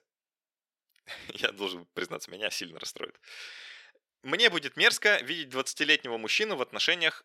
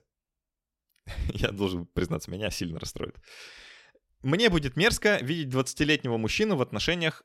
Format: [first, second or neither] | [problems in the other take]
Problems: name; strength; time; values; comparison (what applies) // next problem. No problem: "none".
second | thin; very; fading below 400 Hz